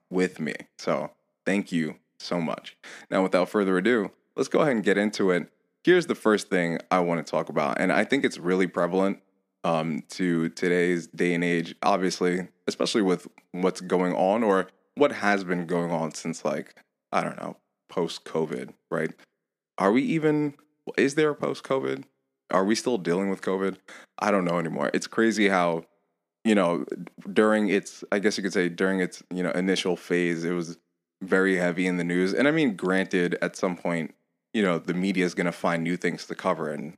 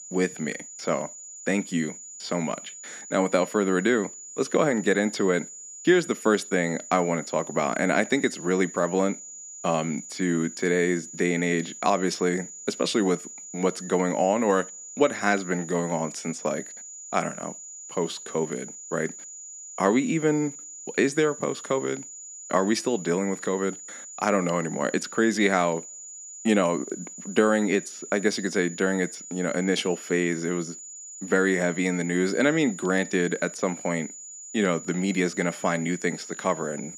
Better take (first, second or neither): first